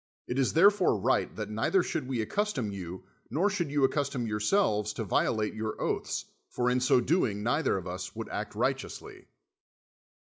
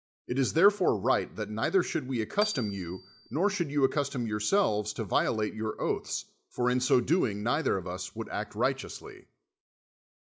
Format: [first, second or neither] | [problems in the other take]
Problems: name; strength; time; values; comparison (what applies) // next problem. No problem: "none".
first | background sound (Marimba, xylophone); 11 dB below the speech